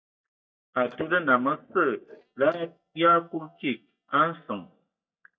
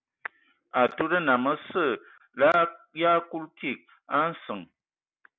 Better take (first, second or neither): second